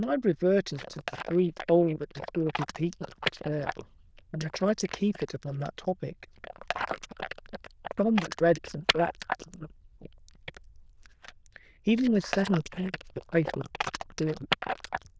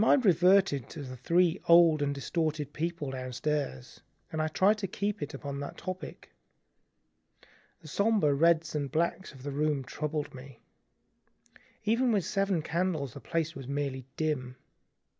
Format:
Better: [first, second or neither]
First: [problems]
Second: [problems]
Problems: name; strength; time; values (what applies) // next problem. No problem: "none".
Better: second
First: noise reduction (neural diffusion model UNIVERSE++)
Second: none